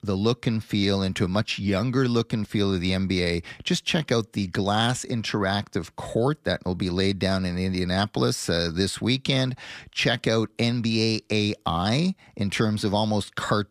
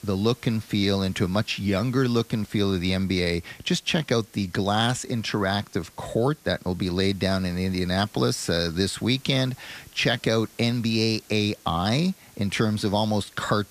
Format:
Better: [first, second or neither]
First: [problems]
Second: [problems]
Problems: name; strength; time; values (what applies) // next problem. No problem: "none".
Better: first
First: none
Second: hiss; faint; throughout; 25 dB below the speech